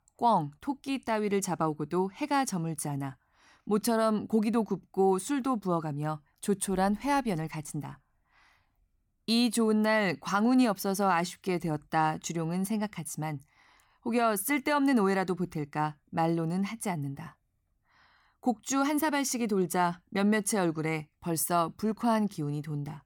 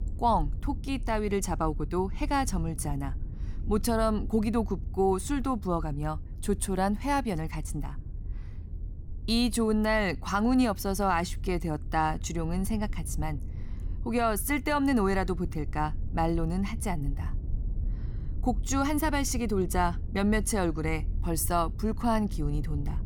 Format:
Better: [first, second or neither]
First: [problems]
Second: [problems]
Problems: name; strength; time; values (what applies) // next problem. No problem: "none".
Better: first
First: none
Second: low rumble; faint; throughout; 25 dB below the speech